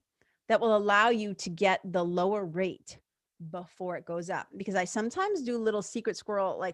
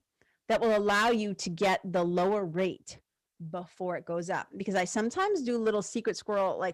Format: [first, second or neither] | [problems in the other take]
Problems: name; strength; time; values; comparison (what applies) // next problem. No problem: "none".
first | distortion; slight; 5% of the sound clipped